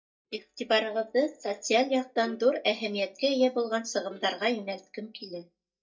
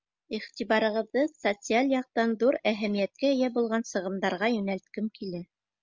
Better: second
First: noise reduction (neural mask model DeepFilterNet 3)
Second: none

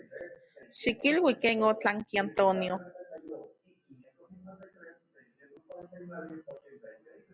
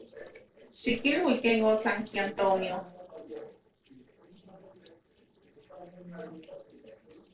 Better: first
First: none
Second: noise reduction (neural separator model SepFormer DNS4)

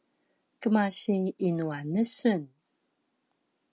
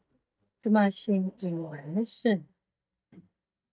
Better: first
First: none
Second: noise reduction (neural mask model DeepFilterNet 3)

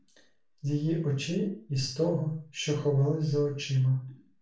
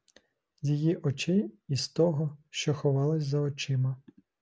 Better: second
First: room echo; dies away in 0.3 s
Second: none

